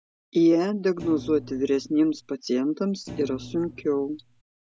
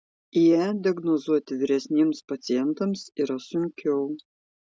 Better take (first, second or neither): second